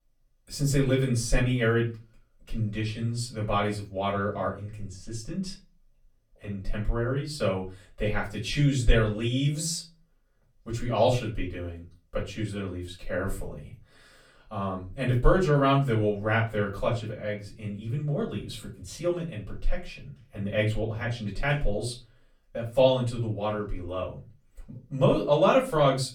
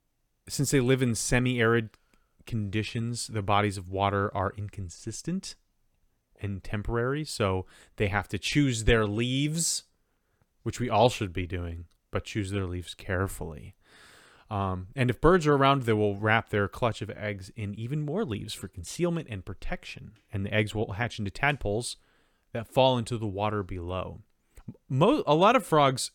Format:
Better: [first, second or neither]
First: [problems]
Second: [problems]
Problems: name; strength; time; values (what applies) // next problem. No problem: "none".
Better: second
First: off-mic speech; far // room echo; very slight; dies away in 0.3 s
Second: none